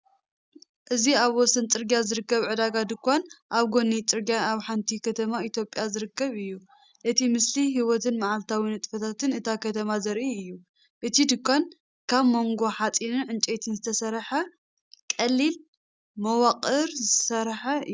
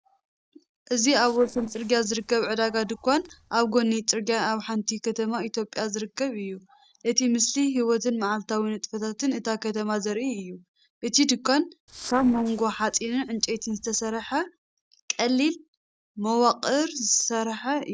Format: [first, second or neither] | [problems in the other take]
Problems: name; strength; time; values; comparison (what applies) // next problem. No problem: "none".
first | noise reduction (neural separator model SepFormer DNS4)